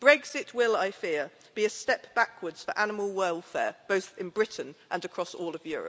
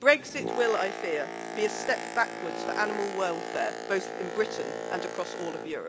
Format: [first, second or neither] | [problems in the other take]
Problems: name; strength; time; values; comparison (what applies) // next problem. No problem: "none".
first | background sound (Boat, Water vehicle); 6 dB below the speech